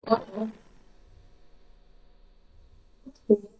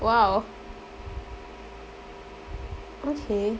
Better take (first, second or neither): second